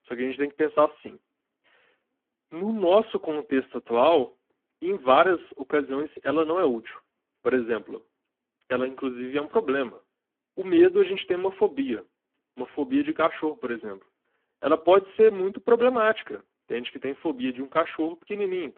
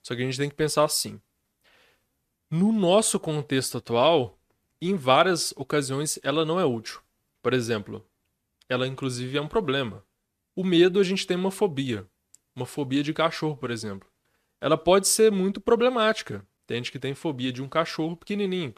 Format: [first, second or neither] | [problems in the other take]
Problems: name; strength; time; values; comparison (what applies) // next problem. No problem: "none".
second | phone-call audio; poor line